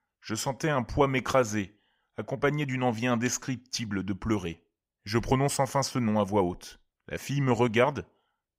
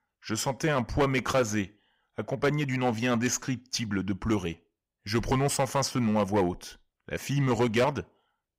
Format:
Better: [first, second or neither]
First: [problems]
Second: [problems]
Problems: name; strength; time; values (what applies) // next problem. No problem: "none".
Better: first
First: none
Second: distortion; slight; 4% of the sound clipped